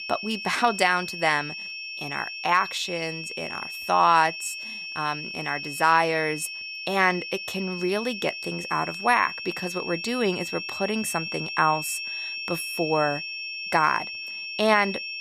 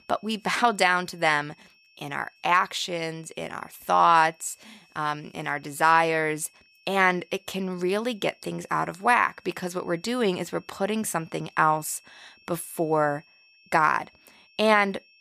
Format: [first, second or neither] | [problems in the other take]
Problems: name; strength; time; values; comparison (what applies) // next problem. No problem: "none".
second | high-pitched whine; loud; throughout; 2.5 kHz, 7 dB below the speech; faint in the second